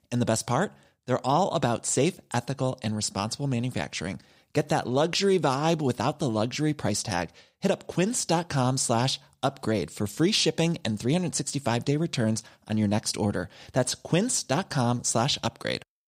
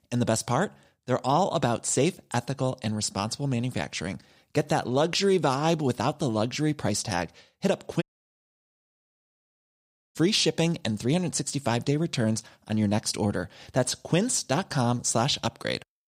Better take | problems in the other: first | audio cutting out; at 8 s for 2 s

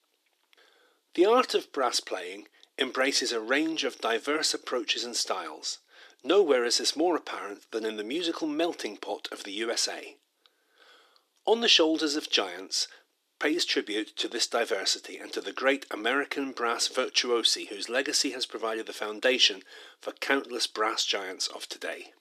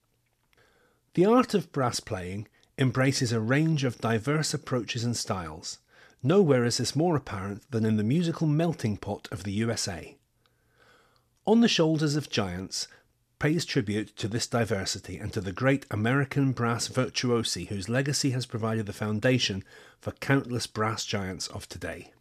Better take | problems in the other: second | thin; somewhat; fading below 300 Hz

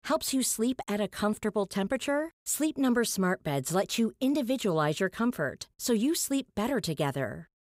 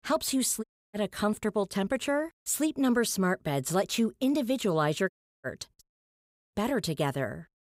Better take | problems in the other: first | audio cutting out; at 0.5 s, at 5 s and at 6 s for 0.5 s

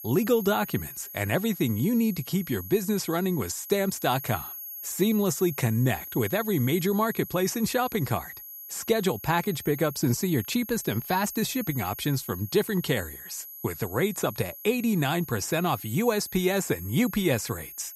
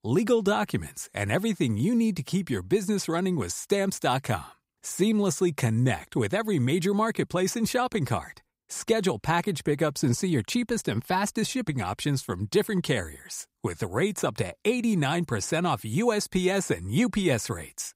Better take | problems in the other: second | high-pitched whine; noticeable; throughout; 11.5 kHz, 10 dB below the speech

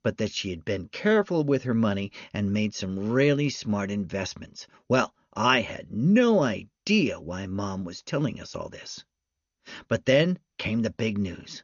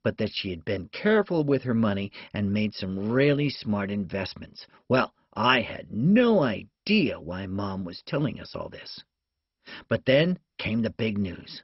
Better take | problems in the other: first | garbled, watery; badly; nothing above 5.5 kHz; slightly in the first

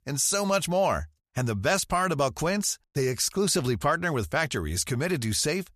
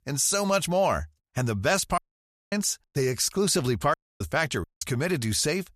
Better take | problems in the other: first | audio cutting out; at 2 s for 0.5 s, at 4 s and at 4.5 s

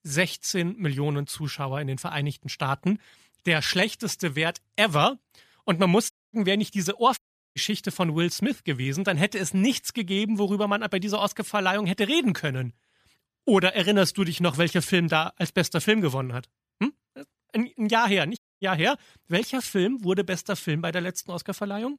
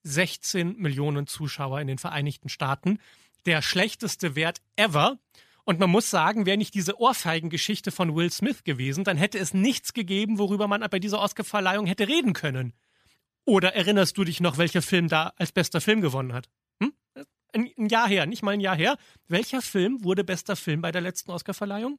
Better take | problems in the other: second | audio cutting out; at 6 s, at 7 s and at 18 s

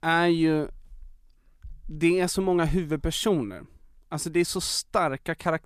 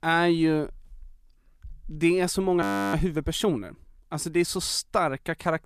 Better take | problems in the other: first | audio freezing; at 2.5 s

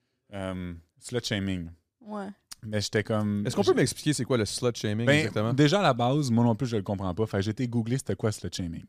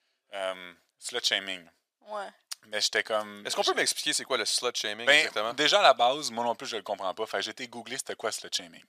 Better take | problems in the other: first | thin; very; fading below 750 Hz

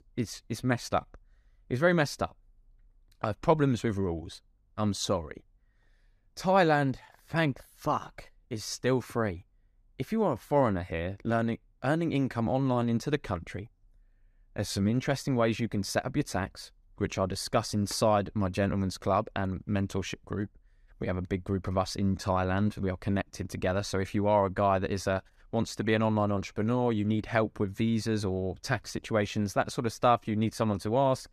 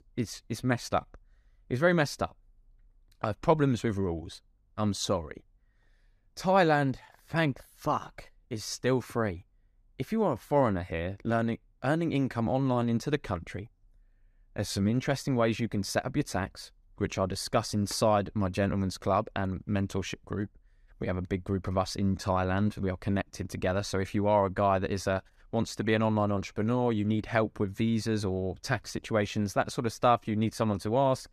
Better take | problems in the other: neither | none

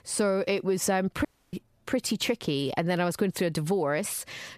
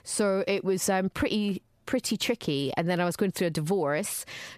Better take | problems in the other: second | audio cutting out; at 1.5 s

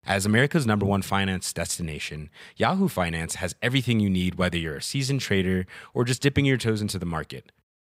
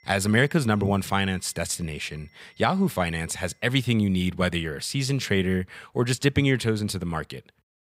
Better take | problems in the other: first | high-pitched whine; faint; until 3.5 s; 2 kHz, 35 dB below the speech

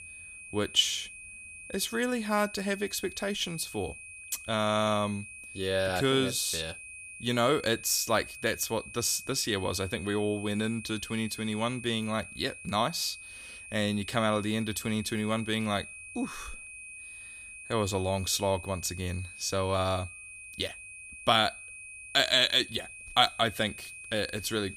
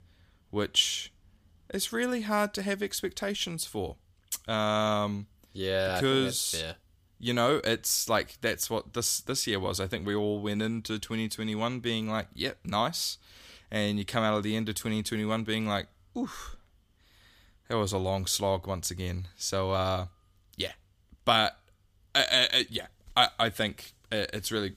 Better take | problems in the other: second | high-pitched whine; noticeable; throughout; 2.5 kHz, 15 dB below the speech

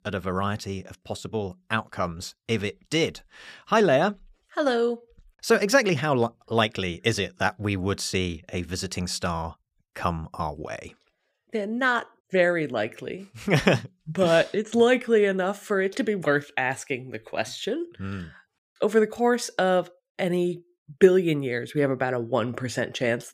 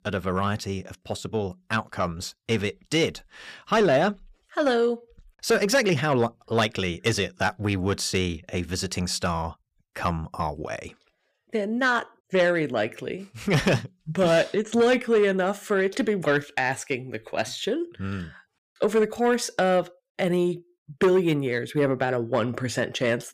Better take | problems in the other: first | distortion; slight; 10 dB below the speech

